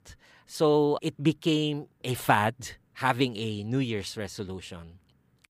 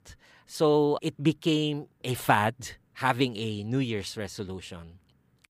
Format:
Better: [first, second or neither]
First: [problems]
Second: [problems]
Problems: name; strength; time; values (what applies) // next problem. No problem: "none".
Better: neither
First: none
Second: none